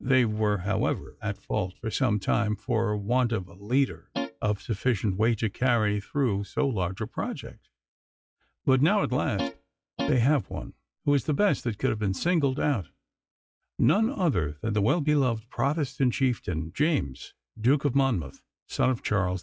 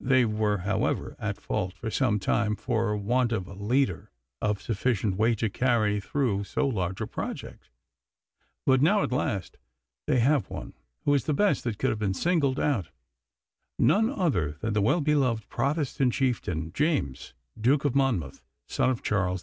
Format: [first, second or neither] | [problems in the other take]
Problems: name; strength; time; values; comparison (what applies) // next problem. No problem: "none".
second | noise reduction (classical method log-MMSE)